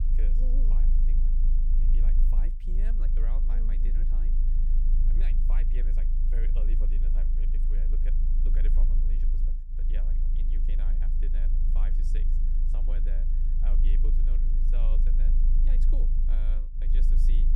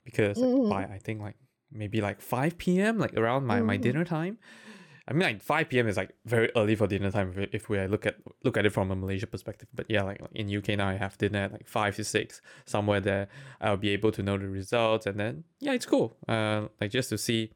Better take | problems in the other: second | low rumble; loud; throughout; 1 dB below the speech

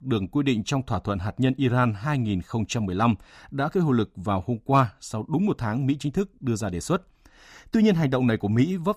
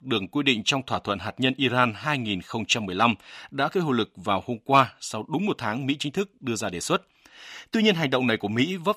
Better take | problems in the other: first | thin; very slightly; fading below 450 Hz

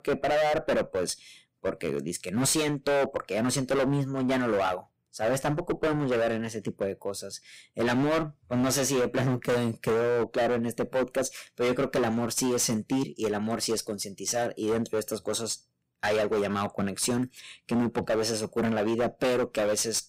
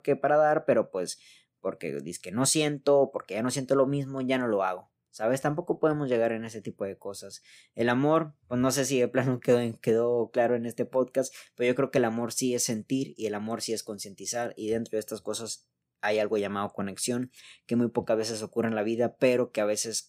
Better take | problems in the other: second | distortion; heavy; 17% of the sound clipped

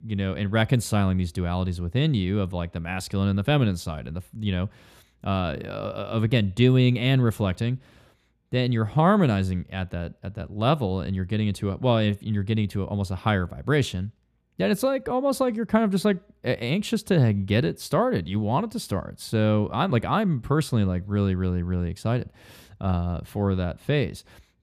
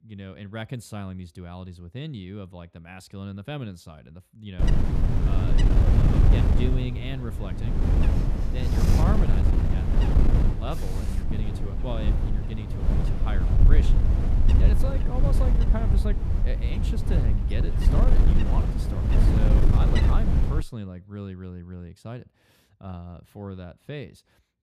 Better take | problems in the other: first | wind noise on the microphone; heavy; from 4.5 to 21 s; 3 dB above the speech

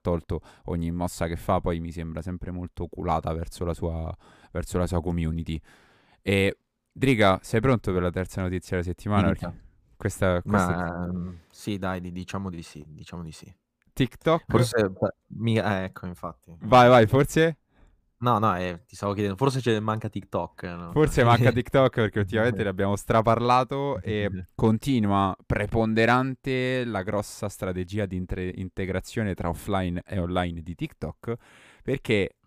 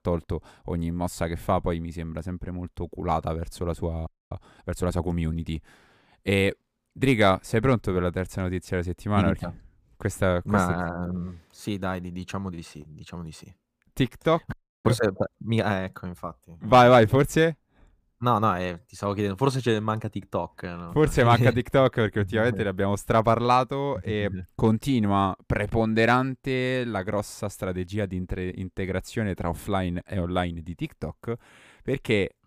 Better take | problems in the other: first | audio freezing; at 4 s and at 15 s

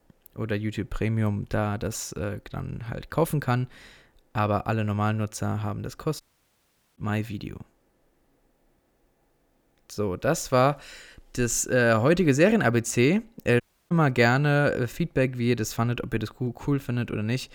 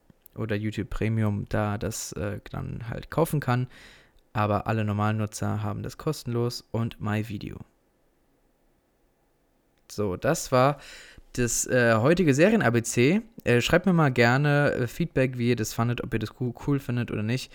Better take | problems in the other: second | audio cutting out; at 6 s for 1 s and at 14 s

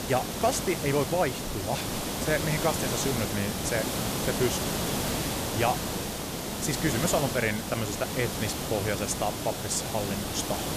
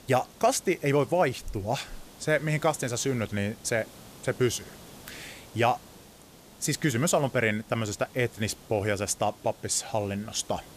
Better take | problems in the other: second | hiss; loud; throughout; 1 dB below the speech; faint in the second

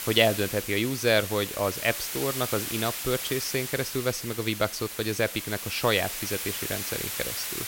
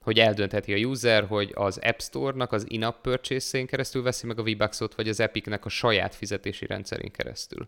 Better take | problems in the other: second | hiss; loud; throughout; 4 dB below the speech

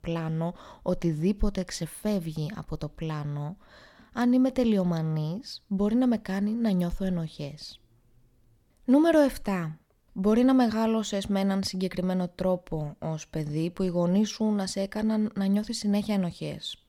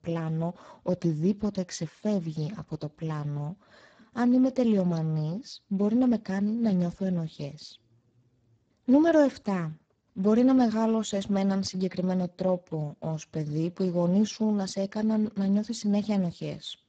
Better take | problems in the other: first | garbled, watery; badly; nothing above 7.5 kHz

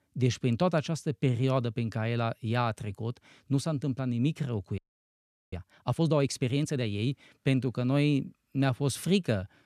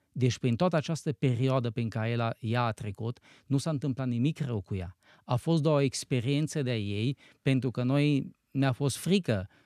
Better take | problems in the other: second | audio freezing; at 5 s for 0.5 s

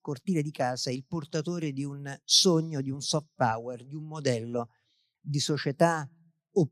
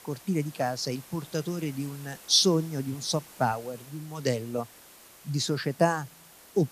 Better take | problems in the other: first | hiss; noticeable; throughout; 20 dB below the speech

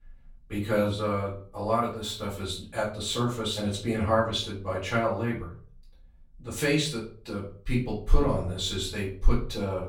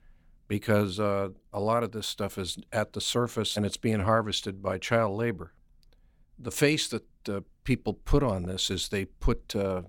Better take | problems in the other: second | off-mic speech; far // room echo; slight; dies away in 0.4 s

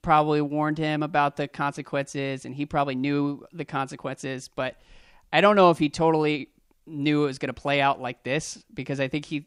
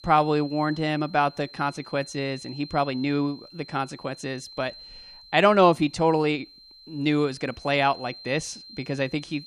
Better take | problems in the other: first | high-pitched whine; noticeable; throughout; 4 kHz, 20 dB below the speech

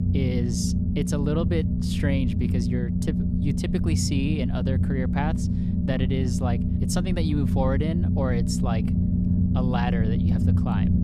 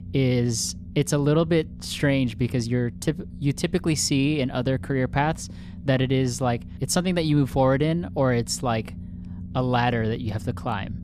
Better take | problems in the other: second | low rumble; loud; throughout; 2 dB below the speech; faint in the second

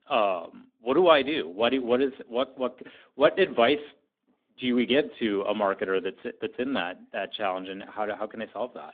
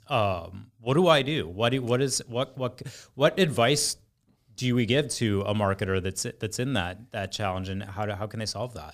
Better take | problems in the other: second | phone-call audio

